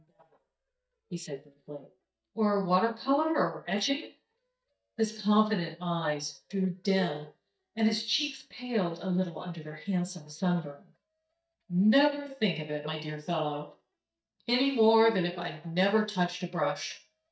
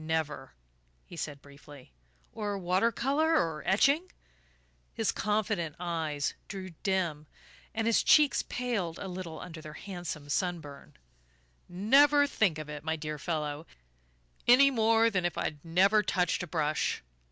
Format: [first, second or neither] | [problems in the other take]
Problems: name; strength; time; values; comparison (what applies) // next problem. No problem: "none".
second | noise reduction (neural mask model DeepFilterNet 3)